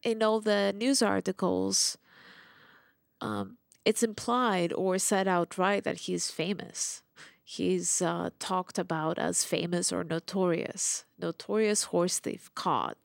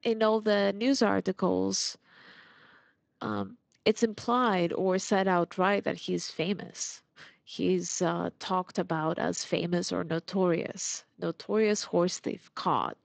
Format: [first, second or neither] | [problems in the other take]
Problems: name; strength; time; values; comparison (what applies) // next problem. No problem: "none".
first | garbled, watery; slightly; nothing above 7.5 kHz